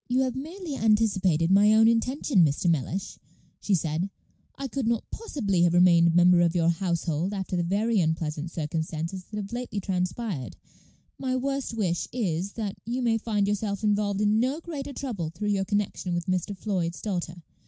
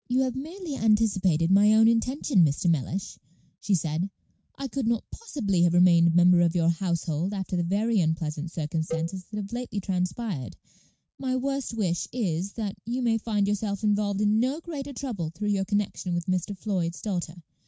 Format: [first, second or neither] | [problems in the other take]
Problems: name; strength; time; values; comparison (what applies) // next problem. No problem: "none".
first | noise reduction (neural mask model RNNoise)